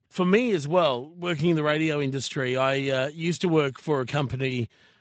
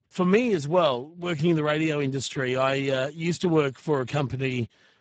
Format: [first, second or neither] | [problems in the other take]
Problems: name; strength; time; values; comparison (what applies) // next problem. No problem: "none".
first | garbled, watery; badly; nothing above 7.5 kHz; slightly in the first